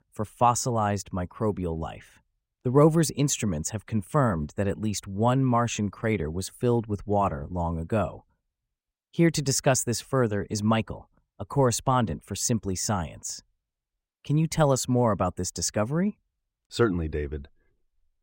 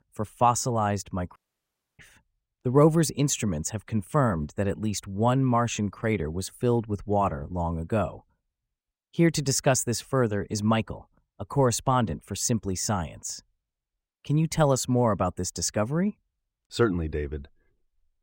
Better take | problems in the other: first | audio cutting out; at 1.5 s for 0.5 s

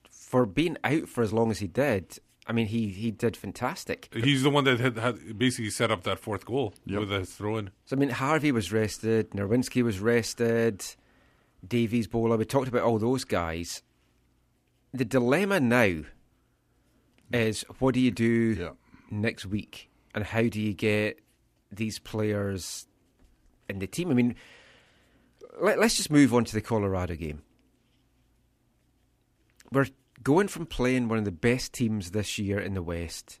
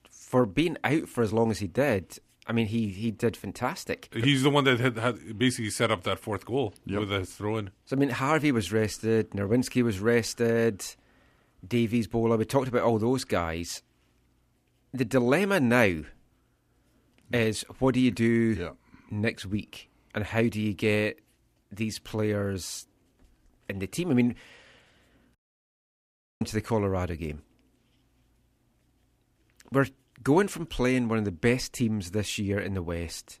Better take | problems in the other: first | audio cutting out; at 25 s for 1 s

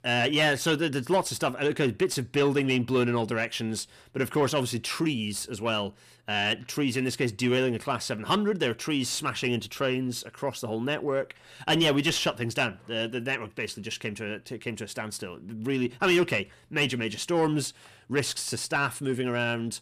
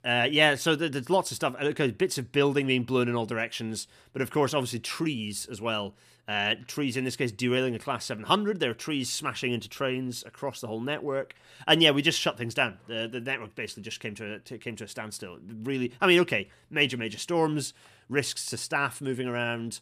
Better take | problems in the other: second | distortion; slight; 10 dB below the speech

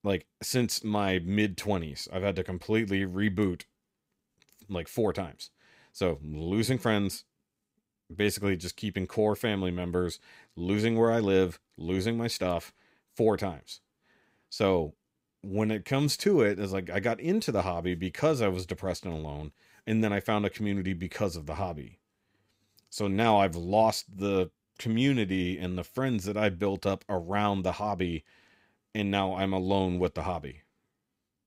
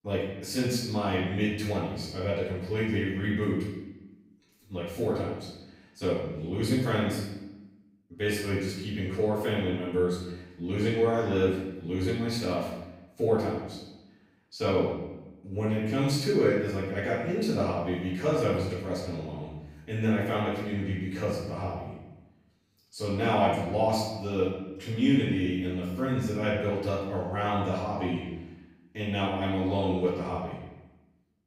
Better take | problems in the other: first | room echo; noticeable; dies away in 0.9 s // off-mic speech; far

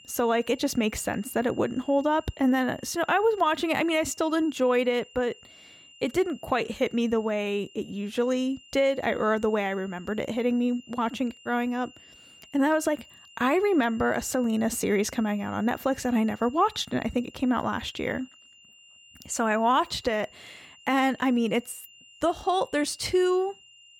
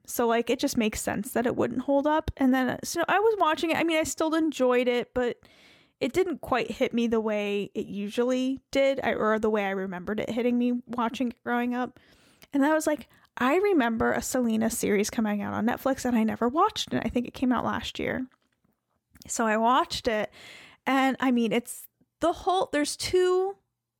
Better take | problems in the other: second | high-pitched whine; faint; throughout; 3 kHz, 25 dB below the speech

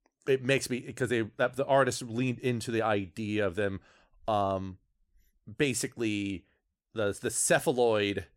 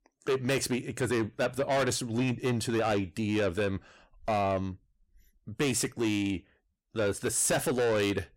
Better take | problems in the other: first | distortion; heavy; 7 dB below the speech

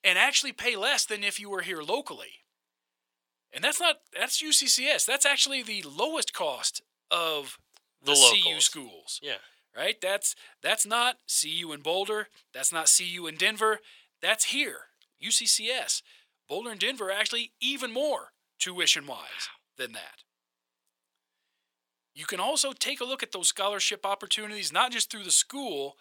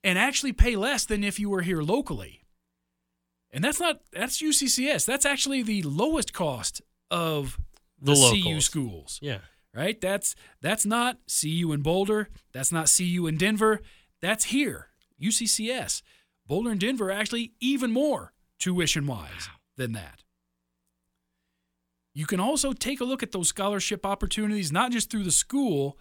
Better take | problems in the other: second | thin; very; fading below 600 Hz

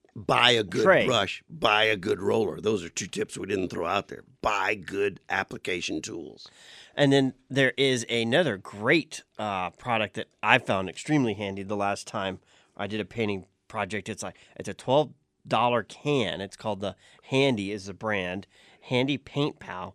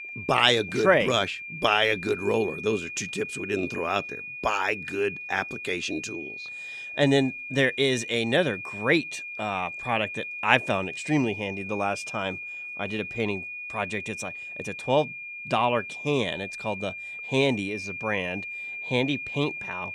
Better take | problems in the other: first | high-pitched whine; loud; throughout; 2.5 kHz, 8 dB below the speech

